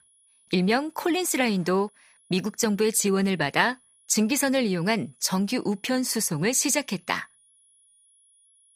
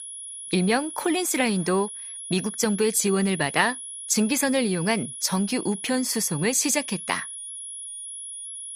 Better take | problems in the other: first | high-pitched whine; loud; throughout; 10.5 kHz, 10 dB below the speech; faint in the first

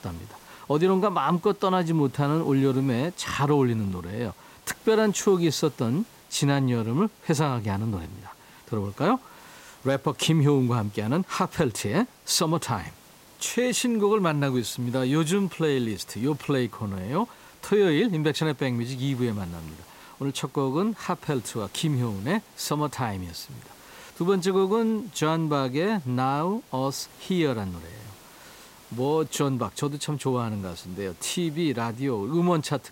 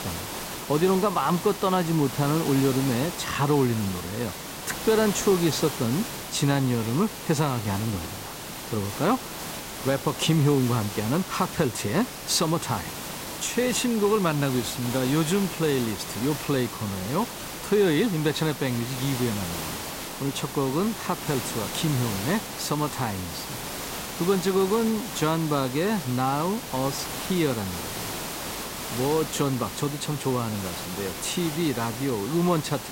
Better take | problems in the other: first | hiss; loud; throughout; 7 dB below the speech; faint in the first

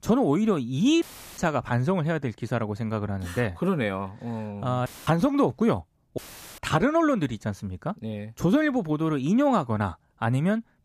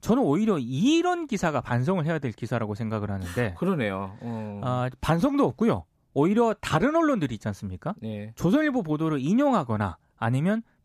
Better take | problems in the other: second | audio cutting out; filled with static; at 1 s, at 5 s and at 6 s

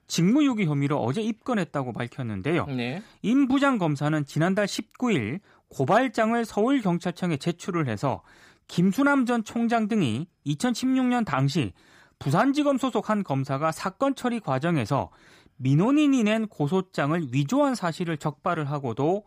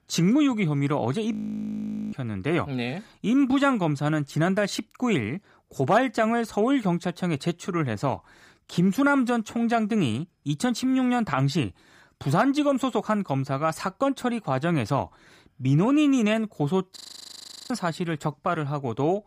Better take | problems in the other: first | audio freezing; at 1.5 s for 1 s and at 17 s for 0.5 s

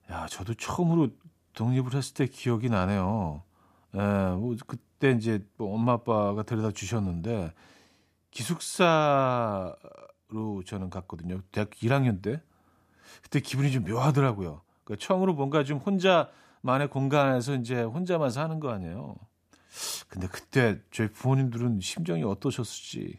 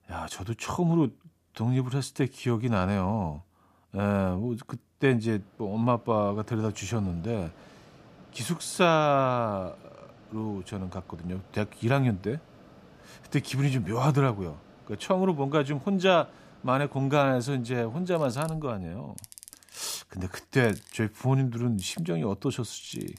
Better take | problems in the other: first | machinery noise; faint; from 5 s on; 25 dB below the speech

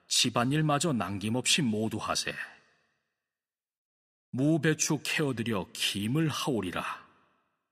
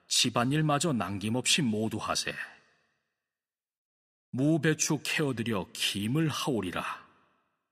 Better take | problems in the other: neither | none

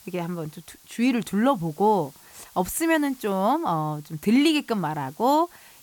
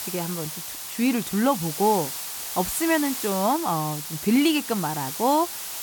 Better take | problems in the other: first | hiss; loud; throughout; 6 dB below the speech; faint in the first

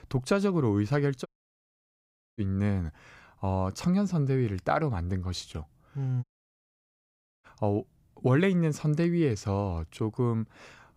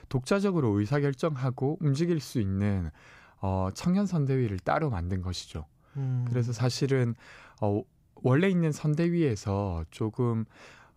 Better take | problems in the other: second | audio cutting out; at 1.5 s for 1 s and at 6 s for 1 s

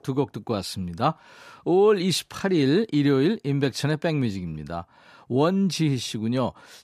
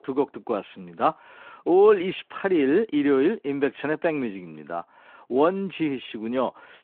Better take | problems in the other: first | phone-call audio

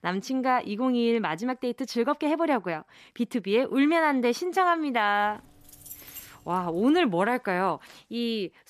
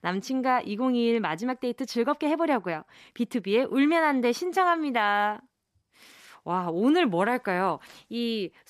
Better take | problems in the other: second | jangling keys; faint; from 5 to 7 s; peak 15 dB below the speech

